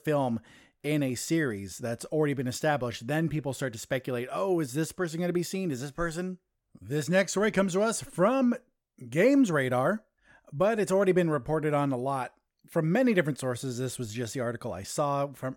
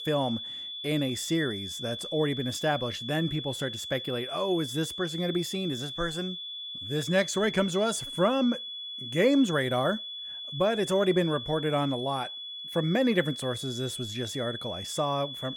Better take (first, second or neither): first